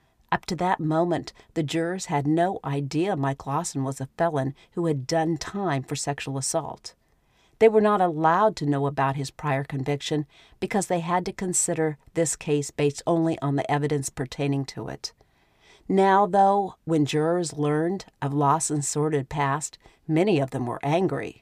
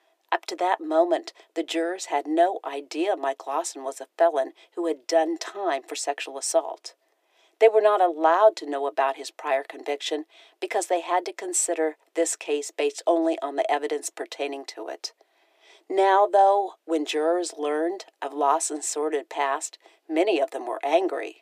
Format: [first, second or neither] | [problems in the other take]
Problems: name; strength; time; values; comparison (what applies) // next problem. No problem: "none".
first | thin; very; fading below 300 Hz